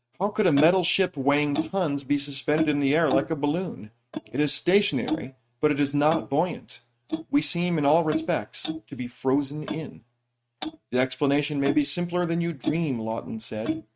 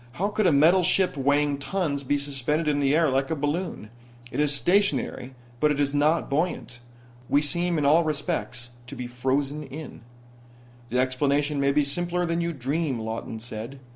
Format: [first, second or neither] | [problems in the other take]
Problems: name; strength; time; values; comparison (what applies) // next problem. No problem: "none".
second | noise reduction (neural mask model RNNoise)